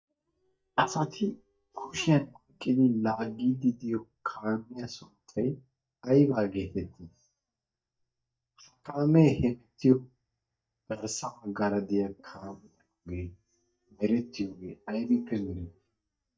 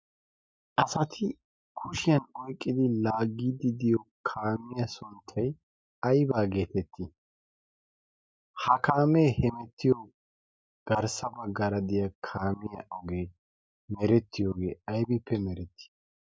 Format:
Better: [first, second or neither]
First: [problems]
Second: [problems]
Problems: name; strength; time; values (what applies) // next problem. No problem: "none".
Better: second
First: noise reduction (neural mask model DeepFilterNet 3)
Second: none